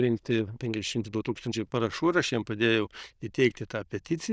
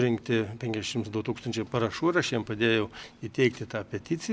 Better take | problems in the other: second | noise reduction (neural diffusion model UNIVERSE++)

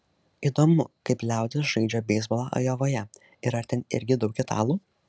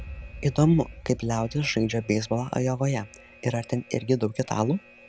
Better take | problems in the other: first | background sound (Alarm); 18 dB below the speech

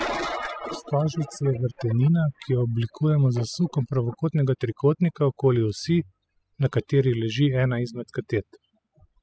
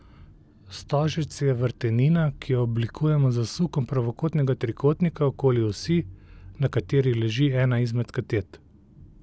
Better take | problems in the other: second | noise reduction (classical method spectral subtraction)

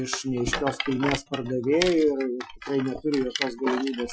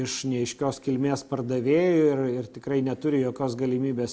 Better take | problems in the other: second | noise reduction (classical method Wiener filter)

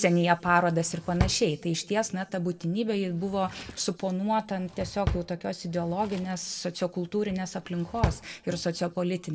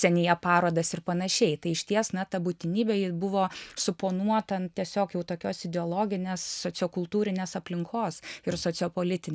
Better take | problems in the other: second | background sound (Drawer open or close); 9 dB below the speech // room echo; dies away in 0.7 s

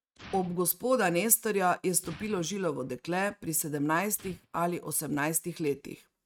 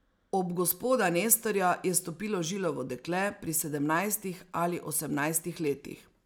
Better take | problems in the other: second | noise reduction (neural mask model RNNoise)

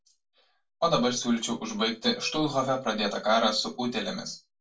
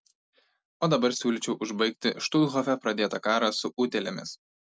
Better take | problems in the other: second | background sound (Plucked string instrument); 17 dB below the speech // room echo; dies away in 0.2 s

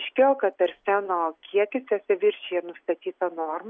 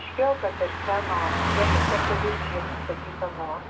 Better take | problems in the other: first | background sound (Car passing by); 2 dB above the speech // room echo; dies away in 0.1 s

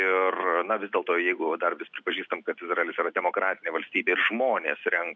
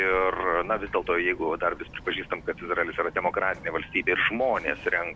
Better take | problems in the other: first | background sound (Bird vocalization, bird call, bird song); 18 dB below the speech

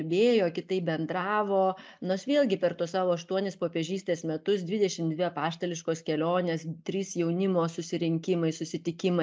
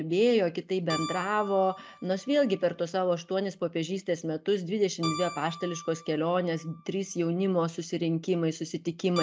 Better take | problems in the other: first | background sound (Keyboard (musical)); 15 dB below the speech

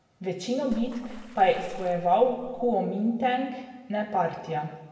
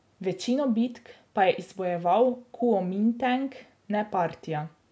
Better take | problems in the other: second | background sound (Water / Splash, splatter); 14 dB below the speech // room echo; dies away in 1.2 s

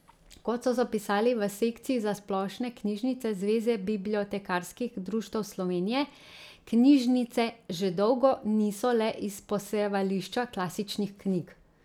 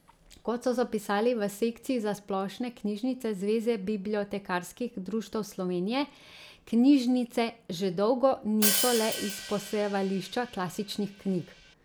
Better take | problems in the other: first | background sound (Hi-hat); 5 dB below the speech

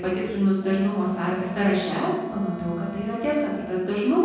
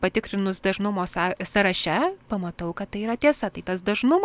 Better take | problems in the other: second | background sound (Wind instrument, woodwind instrument); 13 dB below the speech // room echo; dies away in 1.3 s

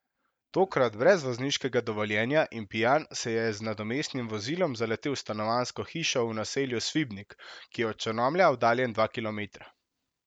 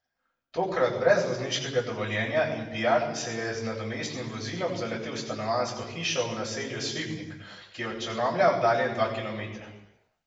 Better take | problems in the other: first | room echo; dies away in 1 s

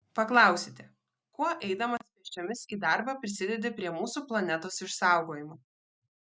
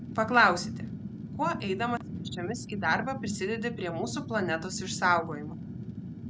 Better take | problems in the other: first | background sound (Fire); 7 dB below the speech

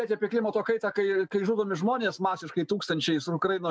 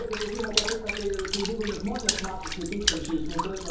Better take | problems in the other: first | background sound (Water / Splash, splatter); as loud as the speech // room echo; dies away in 2 s

